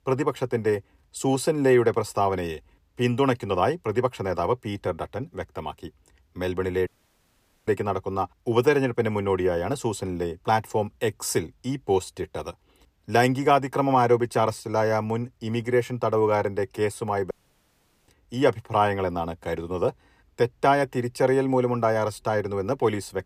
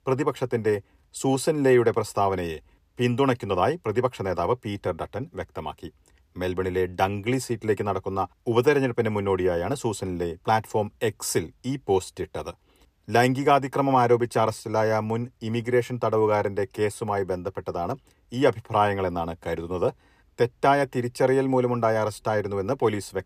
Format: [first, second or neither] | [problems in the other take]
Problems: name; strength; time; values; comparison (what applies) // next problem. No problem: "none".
second | audio cutting out; at 7 s for 1 s and at 17 s for 1 s